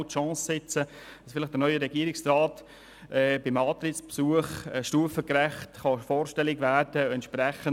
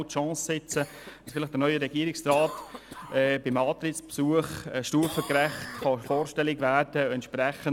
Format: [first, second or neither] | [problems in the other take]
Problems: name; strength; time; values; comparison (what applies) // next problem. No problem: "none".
first | background sound (Cough); 17 dB below the speech